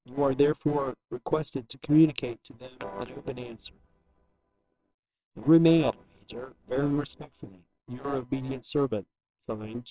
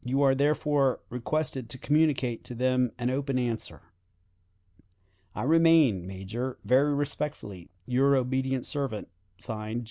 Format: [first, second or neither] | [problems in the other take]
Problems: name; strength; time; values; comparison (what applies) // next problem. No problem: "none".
second | noise reduction (neural separator model SepFormer WHAMR!)